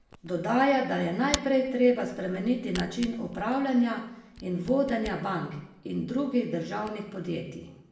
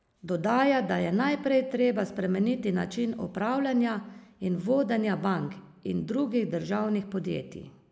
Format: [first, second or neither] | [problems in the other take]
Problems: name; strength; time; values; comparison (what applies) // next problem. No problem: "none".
second | background sound (Camera); 17 dB below the speech // room echo; dies away in 0.7 s